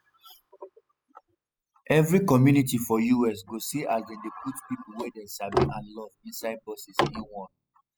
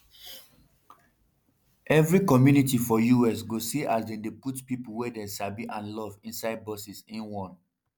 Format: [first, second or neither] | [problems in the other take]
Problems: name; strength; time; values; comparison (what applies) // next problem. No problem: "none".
second | noise reduction (classical method spectral subtraction)